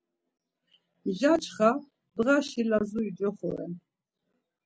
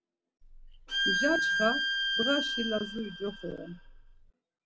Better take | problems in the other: first | background sound (Bowed string instrument); 3 dB above the speech

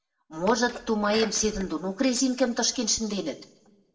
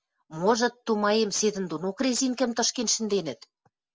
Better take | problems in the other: second | background sound (Sneeze); 15 dB below the speech // room echo; dies away in 0.7 s

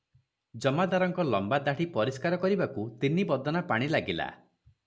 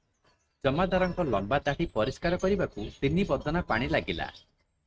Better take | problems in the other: first | noise reduction (neural mask model RNNoise)

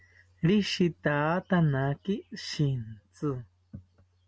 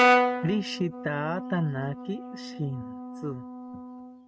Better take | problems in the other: first | noise reduction (neural mask model RNNoise)

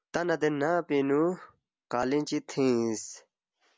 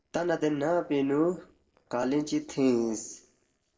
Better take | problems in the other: first | noise reduction (neural separator model SepFormer DNS4)

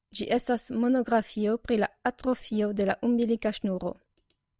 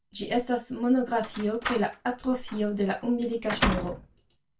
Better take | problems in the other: first | background sound (Slam); 6 dB below the speech // room echo; dies away in 0.2 s

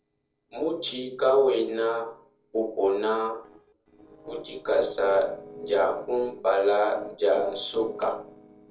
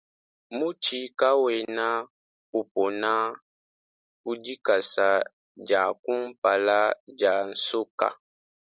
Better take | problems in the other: second | noise reduction (neural separator model SepFormer DNS4)

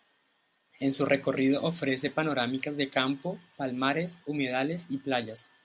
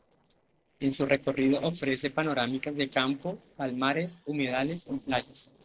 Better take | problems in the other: first | noise reduction (neural separator model SepFormer DNS4)

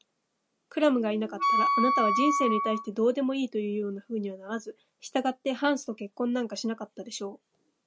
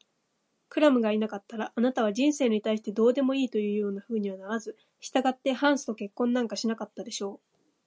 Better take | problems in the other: second | background sound (Wind instrument, woodwind instrument); 2 dB above the speech

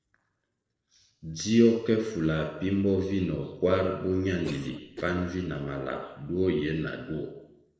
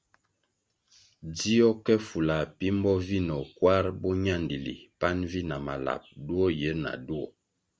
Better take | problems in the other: second | noise reduction (neural separator model SepFormer DNS4)

